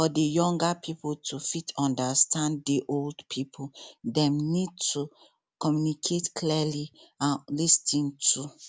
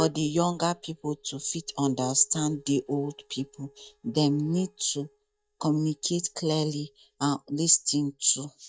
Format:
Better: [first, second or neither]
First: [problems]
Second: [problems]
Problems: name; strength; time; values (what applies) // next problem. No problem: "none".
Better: first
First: none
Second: noise reduction (neural mask model DeepFilterNet 3)